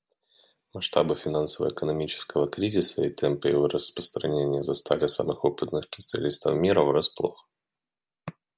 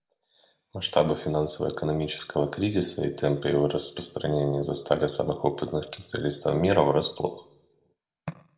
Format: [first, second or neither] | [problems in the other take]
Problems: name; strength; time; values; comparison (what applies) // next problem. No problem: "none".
first | room echo; dies away in 0.5 s